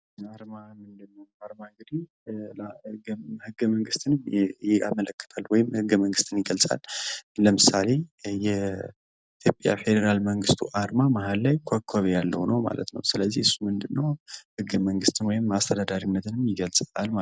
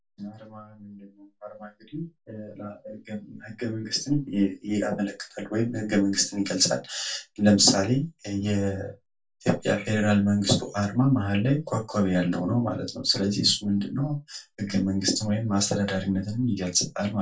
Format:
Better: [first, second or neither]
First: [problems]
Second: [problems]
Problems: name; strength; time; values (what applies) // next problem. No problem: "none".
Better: first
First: none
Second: room echo; dies away in 0.2 s